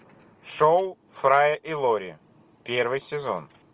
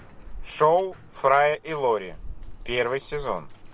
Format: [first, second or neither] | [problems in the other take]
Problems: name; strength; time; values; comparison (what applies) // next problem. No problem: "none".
first | background sound (Bathtub (filling or washing)); 14 dB below the speech